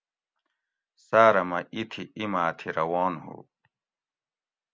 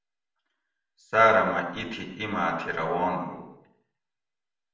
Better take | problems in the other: first | room echo; dies away in 0.8 s

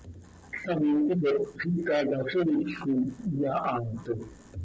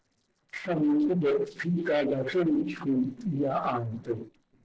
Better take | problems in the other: first | noise reduction (neural separator model SepFormer DNS4)

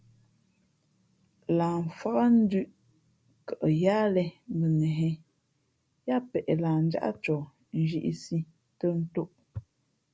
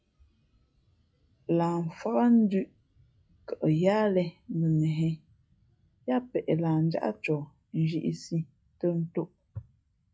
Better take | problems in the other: first | noise reduction (classical method log-MMSE)

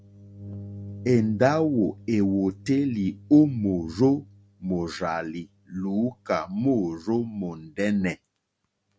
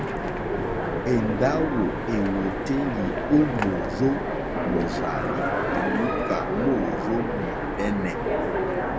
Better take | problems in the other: first | background sound (Train); 1 dB above the speech

